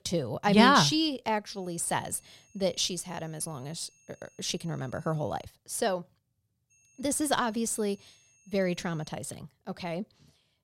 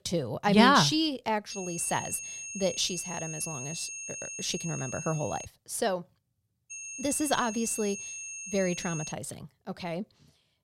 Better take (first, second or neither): first